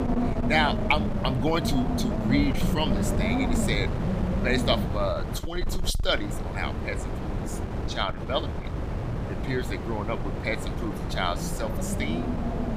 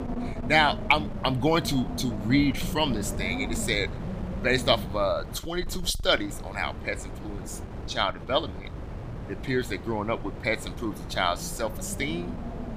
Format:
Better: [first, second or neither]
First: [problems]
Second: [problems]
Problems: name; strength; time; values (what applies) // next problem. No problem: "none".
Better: second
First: wind noise on the microphone; heavy; 5 dB below the speech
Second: wind noise on the microphone; occasional gusts; 15 dB below the speech